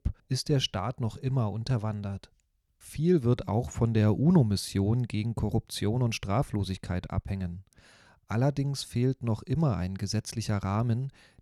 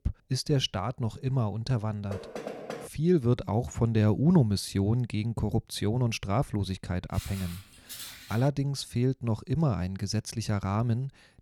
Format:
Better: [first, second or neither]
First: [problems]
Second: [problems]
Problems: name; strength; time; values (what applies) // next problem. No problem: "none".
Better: first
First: none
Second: door banging; noticeable; at 2 s; peak 9 dB below the speech // footsteps; faint; from 7 to 8.5 s; peak 10 dB below the speech